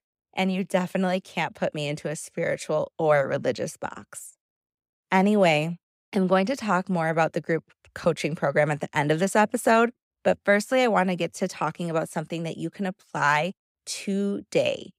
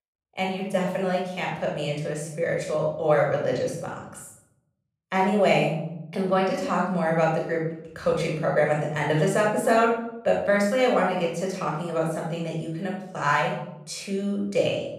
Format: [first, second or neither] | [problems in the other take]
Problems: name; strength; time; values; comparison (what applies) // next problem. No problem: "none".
first | off-mic speech; somewhat distant // room echo; noticeable; dies away in 0.7 s